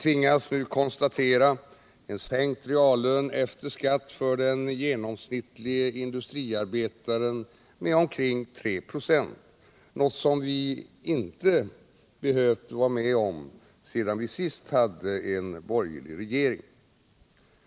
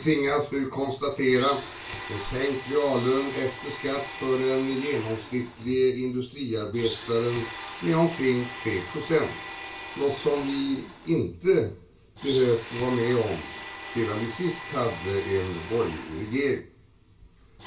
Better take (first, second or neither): first